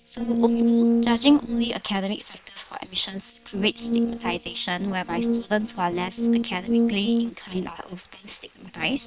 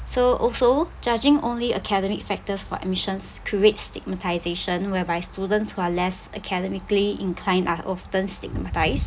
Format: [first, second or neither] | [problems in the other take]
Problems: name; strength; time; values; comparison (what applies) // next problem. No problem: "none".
second | noise reduction (neural separator model SepFormer WHAM!)